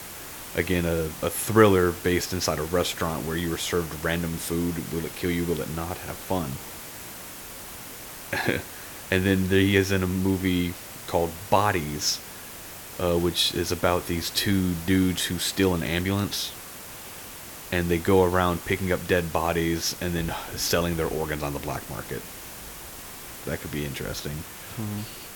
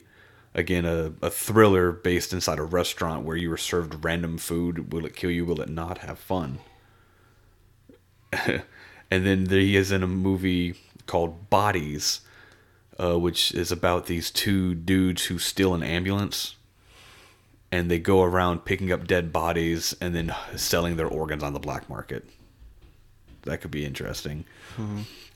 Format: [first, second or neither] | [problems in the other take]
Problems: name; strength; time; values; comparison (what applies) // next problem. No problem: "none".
second | hiss; noticeable; throughout; 10 dB below the speech